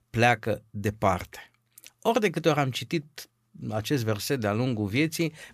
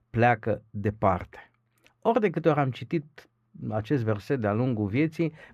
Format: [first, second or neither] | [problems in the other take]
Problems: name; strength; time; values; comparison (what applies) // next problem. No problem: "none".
first | muffled; very; fading above 3.5 kHz